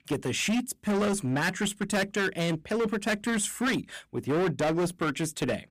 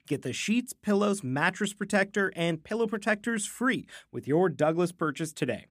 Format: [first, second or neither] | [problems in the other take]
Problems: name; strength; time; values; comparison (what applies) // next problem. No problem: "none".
second | distortion; heavy; 19% of the sound clipped